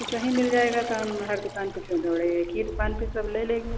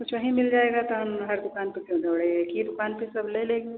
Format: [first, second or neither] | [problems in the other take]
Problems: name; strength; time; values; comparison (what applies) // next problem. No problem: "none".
second | background sound (Stream); 9 dB below the speech